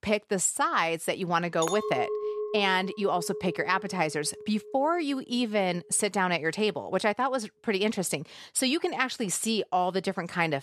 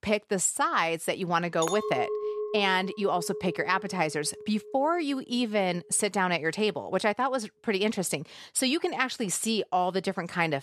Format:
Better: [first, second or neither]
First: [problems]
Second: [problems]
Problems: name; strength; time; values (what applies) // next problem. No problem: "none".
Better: neither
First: clattering dishes; noticeable; from 1.5 to 5 s; peak 4 dB below the speech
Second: clattering dishes; noticeable; from 1.5 to 5 s; peak 4 dB below the speech